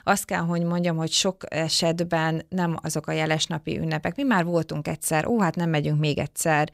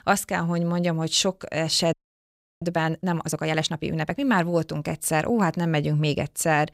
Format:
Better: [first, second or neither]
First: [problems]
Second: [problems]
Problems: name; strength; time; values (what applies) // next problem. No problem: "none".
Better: first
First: none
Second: audio freezing; at 2 s for 0.5 s